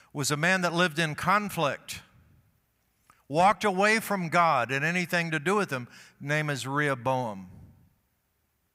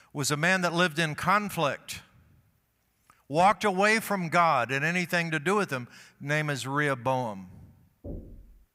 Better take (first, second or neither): first